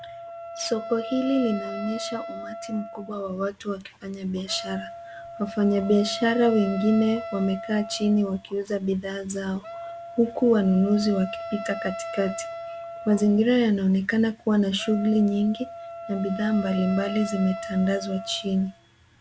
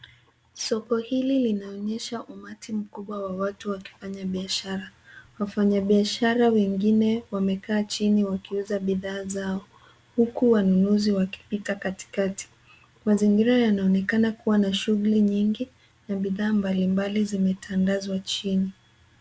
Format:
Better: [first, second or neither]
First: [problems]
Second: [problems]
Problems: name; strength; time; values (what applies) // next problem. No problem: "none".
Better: second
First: background sound (Wind instrument, woodwind instrument); 12 dB below the speech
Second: none